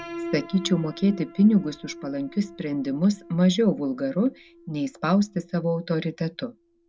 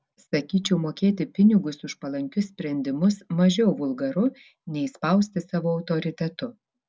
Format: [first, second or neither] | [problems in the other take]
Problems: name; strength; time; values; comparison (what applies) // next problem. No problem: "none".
second | background sound (Piano); 17 dB below the speech